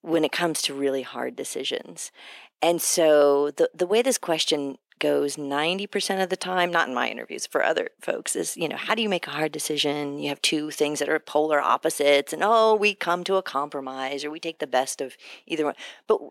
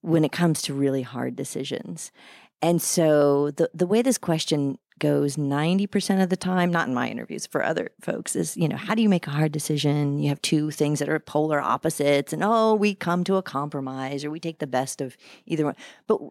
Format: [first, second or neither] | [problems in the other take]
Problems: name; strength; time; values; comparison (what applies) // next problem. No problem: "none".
second | thin; somewhat; fading below 450 Hz